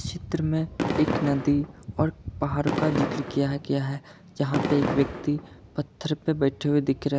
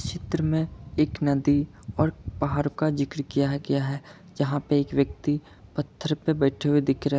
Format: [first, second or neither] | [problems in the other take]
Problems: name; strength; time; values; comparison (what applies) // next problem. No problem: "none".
second | background sound (Fireworks); 4 dB below the speech